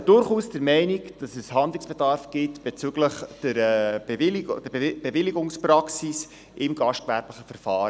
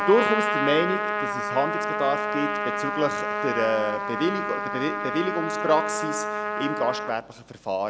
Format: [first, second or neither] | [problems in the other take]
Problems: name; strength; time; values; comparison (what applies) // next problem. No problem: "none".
first | background sound (Trumpet); 1 dB below the speech